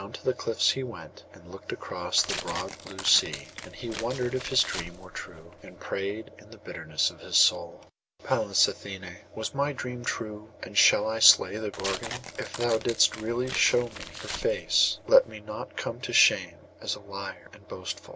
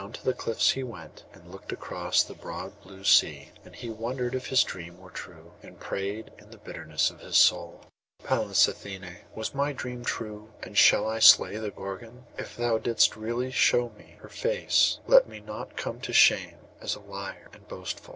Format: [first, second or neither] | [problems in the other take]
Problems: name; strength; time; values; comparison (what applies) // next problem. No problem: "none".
second | background sound (Tearing); 10 dB below the speech